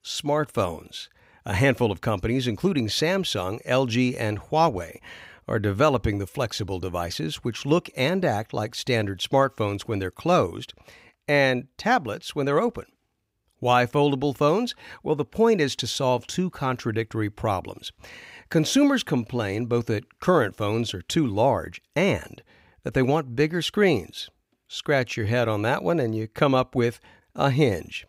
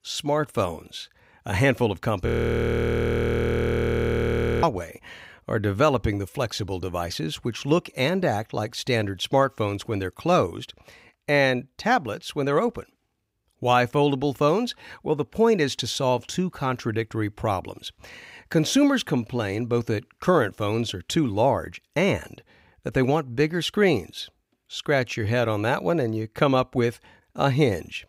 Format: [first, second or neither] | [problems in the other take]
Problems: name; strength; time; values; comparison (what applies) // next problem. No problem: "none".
first | audio freezing; at 2.5 s for 2.5 s